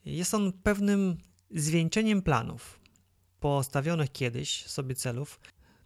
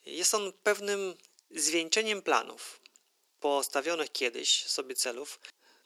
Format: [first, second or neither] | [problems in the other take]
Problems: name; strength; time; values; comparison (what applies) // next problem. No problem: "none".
first | thin; very; fading below 300 Hz